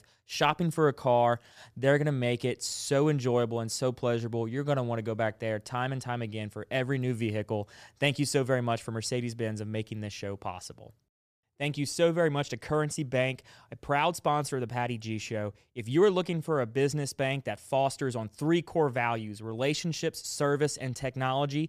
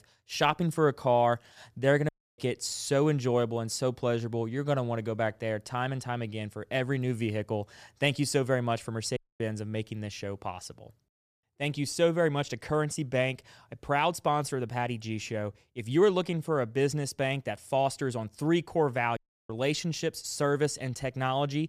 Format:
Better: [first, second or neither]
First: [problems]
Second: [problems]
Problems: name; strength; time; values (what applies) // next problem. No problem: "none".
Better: first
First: none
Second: audio cutting out; at 2 s, at 9 s and at 19 s